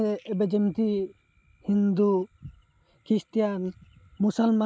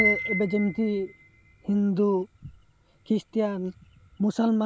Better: first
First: none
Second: background sound (Piano); 8 dB below the speech

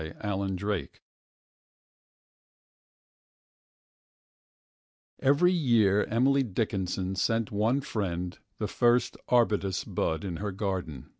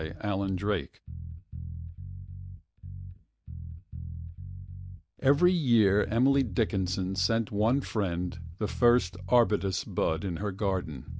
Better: first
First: none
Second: background sound (Bass guitar); 10 dB below the speech

